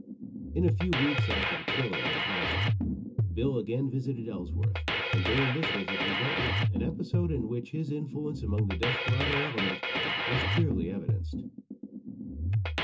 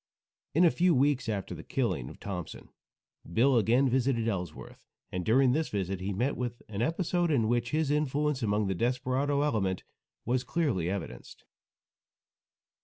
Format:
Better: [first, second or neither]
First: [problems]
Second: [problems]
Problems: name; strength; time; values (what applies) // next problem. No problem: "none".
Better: second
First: background sound (Drum kit); 3 dB above the speech // room echo; dies away in 0.2 s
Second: none